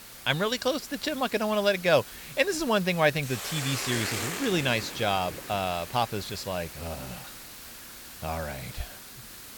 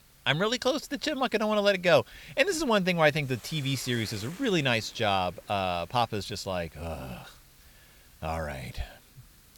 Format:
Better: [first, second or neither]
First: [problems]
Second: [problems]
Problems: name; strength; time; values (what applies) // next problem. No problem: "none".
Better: second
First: hiss; loud; throughout; 10 dB below the speech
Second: hiss; faint; throughout; 25 dB below the speech